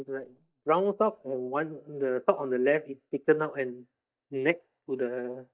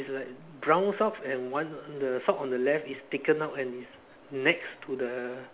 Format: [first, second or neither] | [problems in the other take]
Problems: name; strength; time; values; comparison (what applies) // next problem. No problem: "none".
second | noise reduction (neural mask model DeepFilterNet 3)